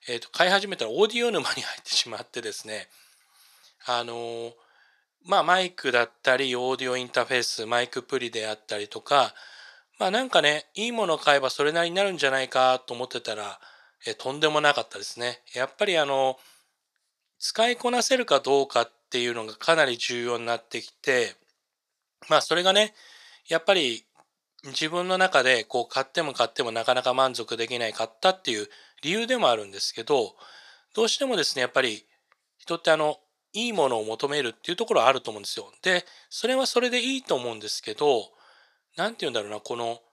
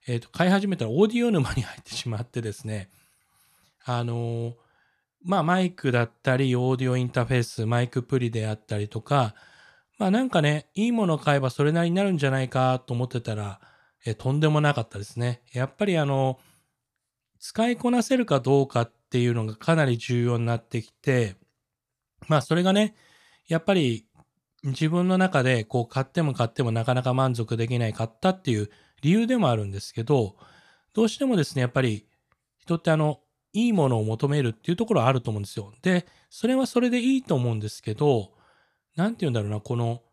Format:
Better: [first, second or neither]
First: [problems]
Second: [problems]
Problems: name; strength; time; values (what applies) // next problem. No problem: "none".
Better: second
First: thin; very; fading below 550 Hz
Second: none